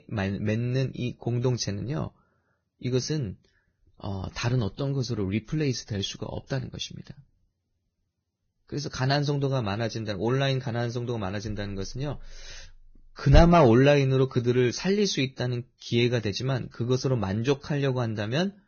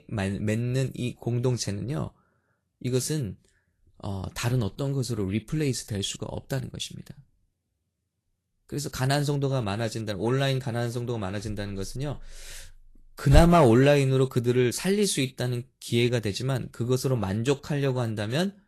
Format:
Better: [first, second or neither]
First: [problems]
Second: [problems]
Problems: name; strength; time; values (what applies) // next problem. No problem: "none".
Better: second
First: garbled, watery; badly; nothing above 6.5 kHz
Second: garbled, watery; slightly; nothing above 12.5 kHz